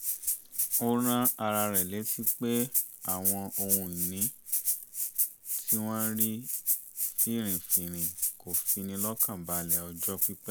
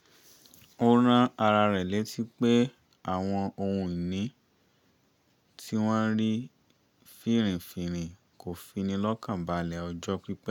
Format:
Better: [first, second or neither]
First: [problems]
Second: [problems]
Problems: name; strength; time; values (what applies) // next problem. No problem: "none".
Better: second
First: background sound (Rattle (instrument)); 4 dB above the speech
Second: none